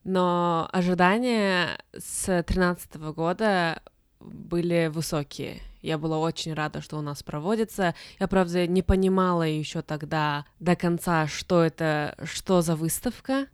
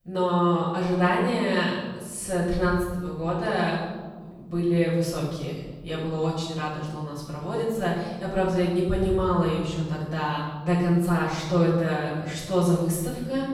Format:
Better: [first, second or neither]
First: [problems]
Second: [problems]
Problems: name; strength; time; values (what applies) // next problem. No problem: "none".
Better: first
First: none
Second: off-mic speech; far // room echo; noticeable; dies away in 1.2 s